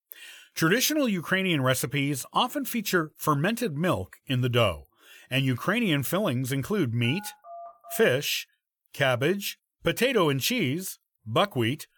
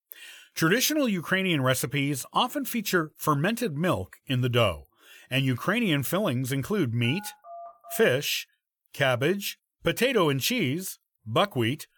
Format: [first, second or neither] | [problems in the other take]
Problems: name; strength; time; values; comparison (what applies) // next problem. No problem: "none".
neither | phone ringing; faint; from 7 to 8 s; peak 20 dB below the speech; the same in both